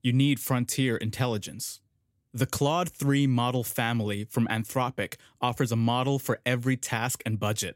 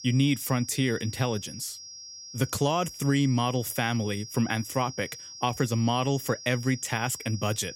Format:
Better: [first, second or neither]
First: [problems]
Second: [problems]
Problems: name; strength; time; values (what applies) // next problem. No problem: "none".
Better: first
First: none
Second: high-pitched whine; noticeable; throughout; 5.5 kHz, 15 dB below the speech